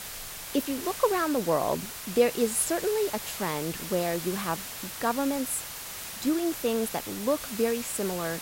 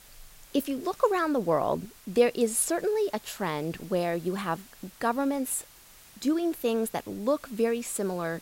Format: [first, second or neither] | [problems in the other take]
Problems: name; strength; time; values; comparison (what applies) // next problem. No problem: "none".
second | hiss; loud; throughout; 7 dB below the speech; faint in the second